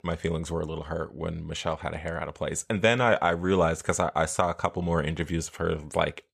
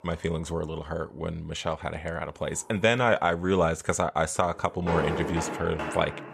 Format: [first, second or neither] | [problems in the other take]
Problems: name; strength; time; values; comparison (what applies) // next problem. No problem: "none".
first | household noises; loud; throughout; 5 dB below the speech